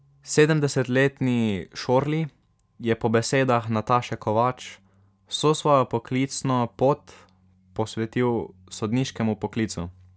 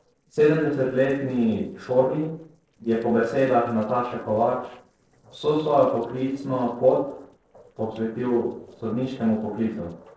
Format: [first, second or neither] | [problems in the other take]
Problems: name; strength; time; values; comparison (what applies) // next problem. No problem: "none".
first | noise reduction (neural separator model SepFormer DNS4)